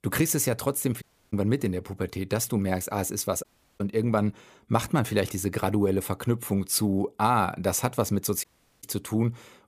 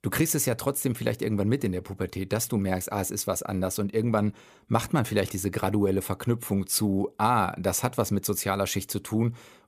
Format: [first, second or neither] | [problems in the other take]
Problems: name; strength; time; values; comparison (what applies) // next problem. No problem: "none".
second | audio cutting out; at 1 s, at 3.5 s and at 8.5 s